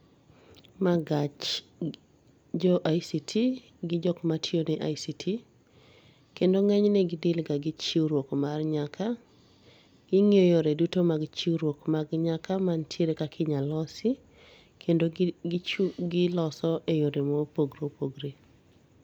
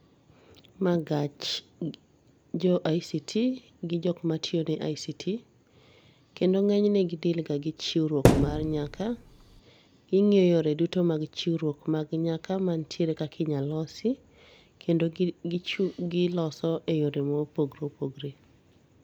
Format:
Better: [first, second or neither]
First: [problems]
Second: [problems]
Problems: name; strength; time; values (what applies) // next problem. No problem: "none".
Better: first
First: none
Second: background sound (Thump, thud); 2 dB above the speech